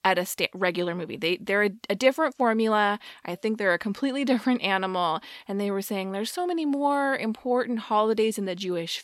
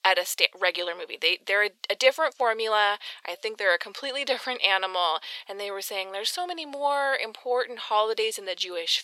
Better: first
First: none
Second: thin; very; fading below 500 Hz

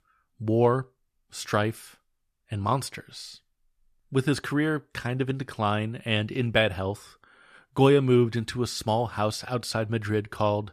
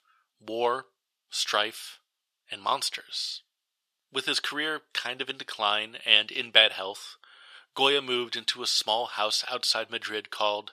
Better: first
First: none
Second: thin; very; fading below 650 Hz

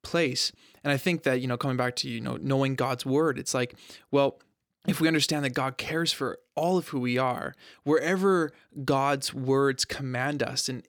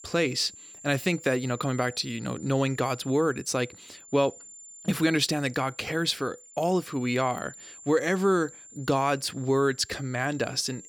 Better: first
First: none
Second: high-pitched whine; noticeable; throughout; 7 kHz, 20 dB below the speech

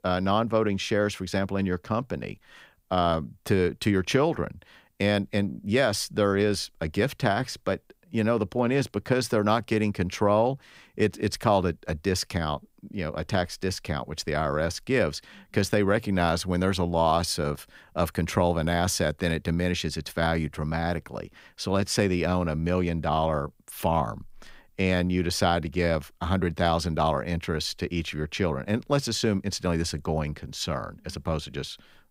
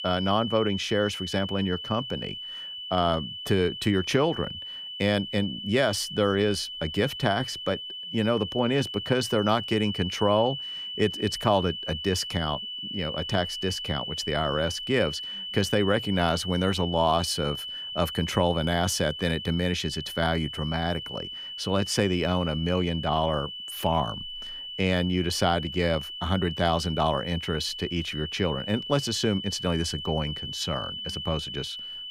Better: first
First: none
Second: high-pitched whine; loud; throughout; 3 kHz, 7 dB below the speech

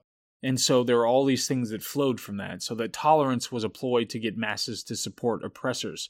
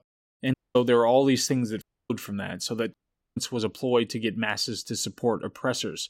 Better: first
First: none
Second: audio cutting out; at 0.5 s, at 2 s and at 3 s

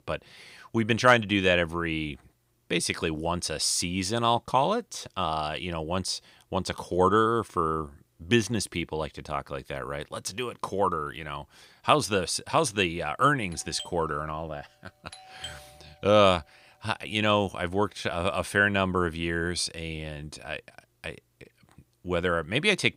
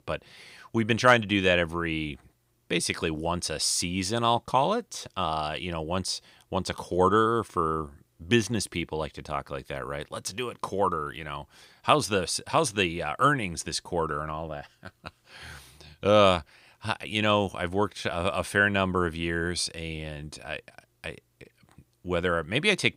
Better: second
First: doorbell; faint; from 14 to 16 s; peak 15 dB below the speech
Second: none

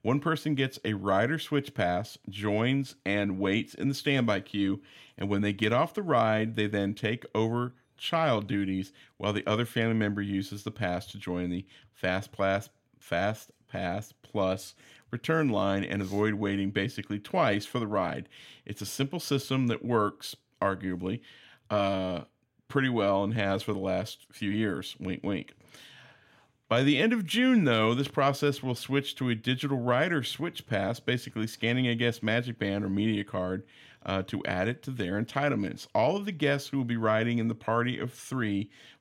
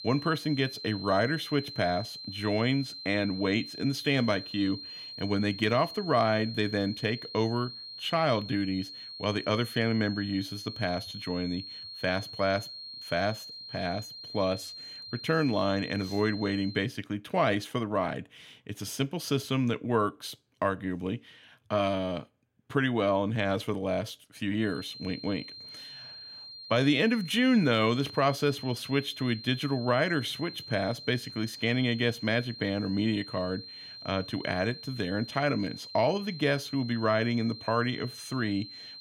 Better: first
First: none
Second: high-pitched whine; noticeable; until 17 s and from 25 s on; 4 kHz, 10 dB below the speech

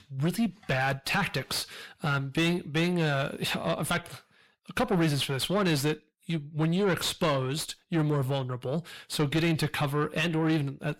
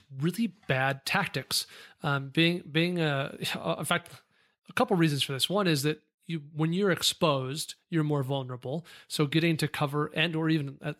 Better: second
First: distortion; heavy; 7 dB below the speech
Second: none

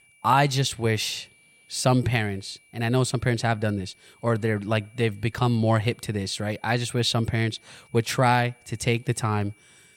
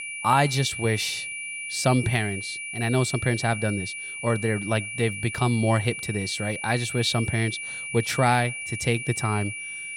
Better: first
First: high-pitched whine; faint; throughout; 2.5 kHz, 30 dB below the speech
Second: high-pitched whine; loud; throughout; 2.5 kHz, 6 dB below the speech

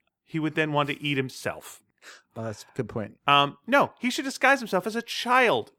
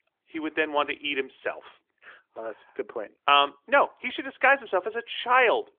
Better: first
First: none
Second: phone-call audio; nothing above 3.5 kHz

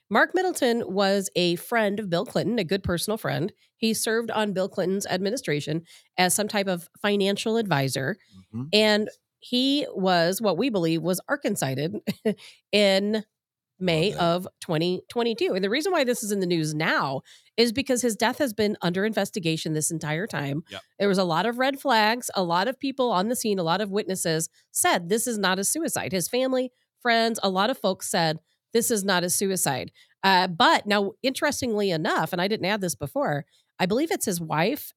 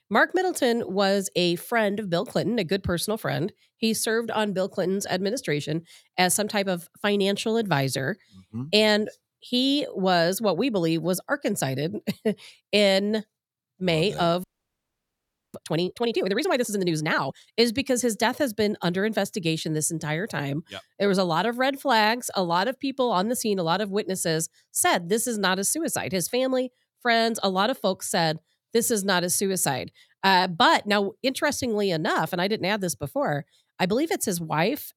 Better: first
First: none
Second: audio freezing; at 14 s for 1 s

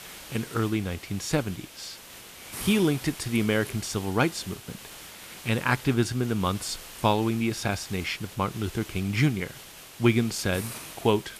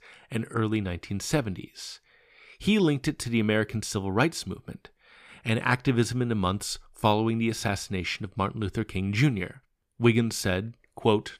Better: second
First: hiss; noticeable; throughout; 15 dB below the speech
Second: none

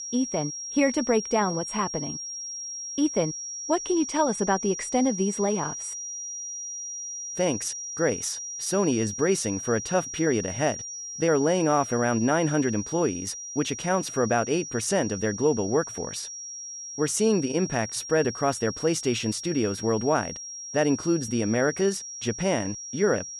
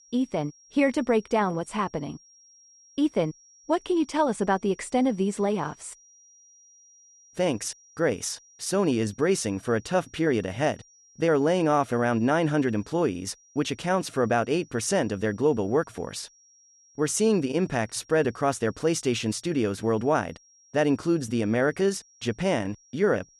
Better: second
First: high-pitched whine; loud; throughout; 5.5 kHz, 7 dB below the speech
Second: high-pitched whine; faint; throughout; 5.5 kHz, 30 dB below the speech

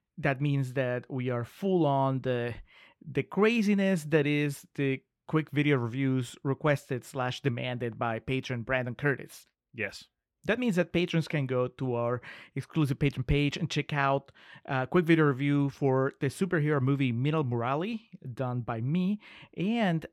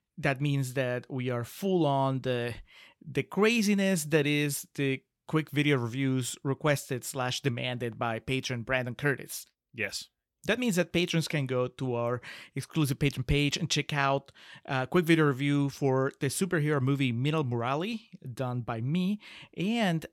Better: second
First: muffled; slightly; fading above 3.5 kHz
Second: none

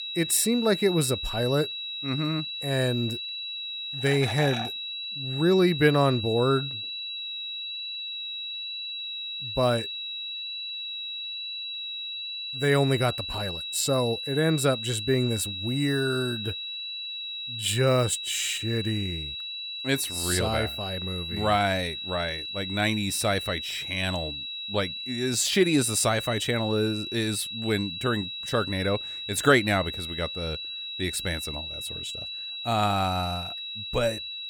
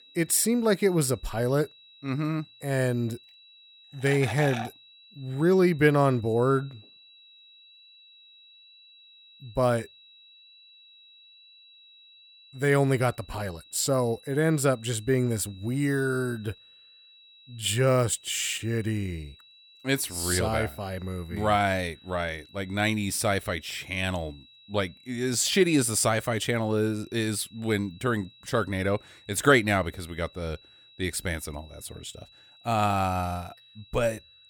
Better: second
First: high-pitched whine; loud; throughout; 4 kHz, 6 dB below the speech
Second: high-pitched whine; faint; throughout; 4 kHz, 25 dB below the speech

